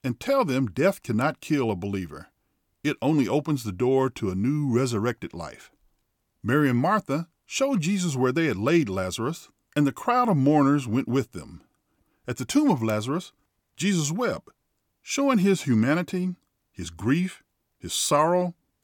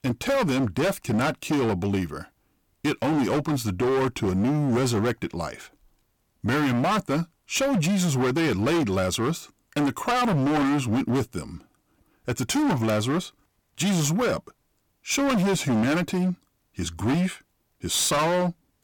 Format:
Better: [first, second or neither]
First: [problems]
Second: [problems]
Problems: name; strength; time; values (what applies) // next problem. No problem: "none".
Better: first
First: none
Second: distortion; heavy; 22% of the sound clipped